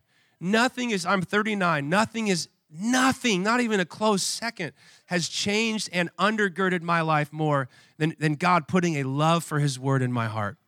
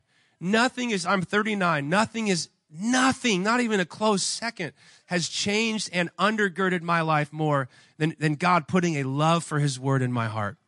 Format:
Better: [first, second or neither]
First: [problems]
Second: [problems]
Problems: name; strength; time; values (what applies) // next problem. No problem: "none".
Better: first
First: none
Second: garbled, watery; slightly; nothing above 10 kHz